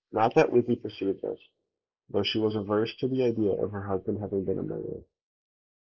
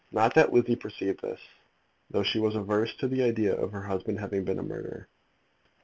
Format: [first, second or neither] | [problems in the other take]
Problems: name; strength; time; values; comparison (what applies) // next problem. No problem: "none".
second | noise reduction (neural mask model Resemble Enhance denoiser)